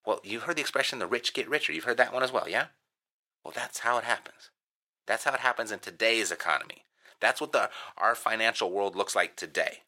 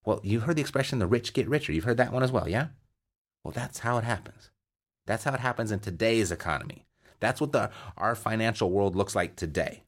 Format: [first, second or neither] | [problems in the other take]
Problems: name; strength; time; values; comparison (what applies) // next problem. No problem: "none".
second | thin; very; fading below 550 Hz